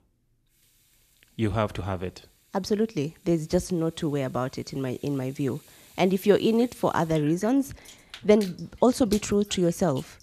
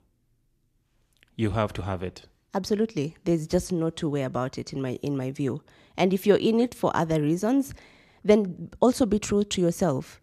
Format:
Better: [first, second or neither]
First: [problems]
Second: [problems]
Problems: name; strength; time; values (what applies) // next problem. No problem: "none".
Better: second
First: household noises; faint; throughout; 20 dB below the speech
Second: none